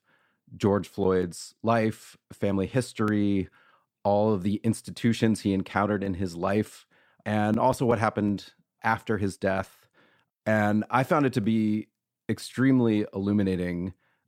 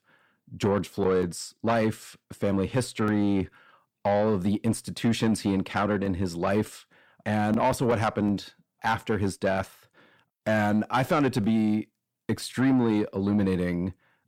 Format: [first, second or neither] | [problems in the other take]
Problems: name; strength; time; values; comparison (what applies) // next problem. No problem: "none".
first | distortion; slight; 10 dB below the speech